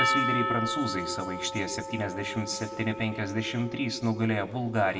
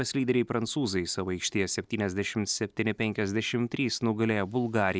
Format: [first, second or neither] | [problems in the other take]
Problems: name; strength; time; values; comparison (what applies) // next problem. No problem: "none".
second | background sound (Percussion); 4 dB below the speech // room echo; dies away in 0.6 s